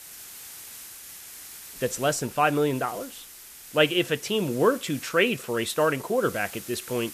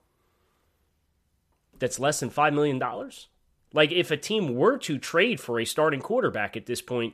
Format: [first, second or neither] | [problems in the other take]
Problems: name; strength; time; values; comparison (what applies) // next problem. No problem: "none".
second | hiss; noticeable; throughout; 15 dB below the speech